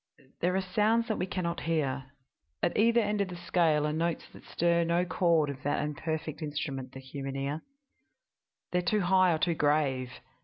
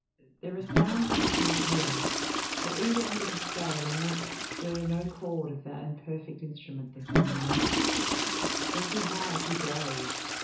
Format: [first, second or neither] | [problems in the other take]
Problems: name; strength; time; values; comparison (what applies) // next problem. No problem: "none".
first | background sound (Toilet flush / Water); 3 dB above the speech // room echo; dies away in 0.6 s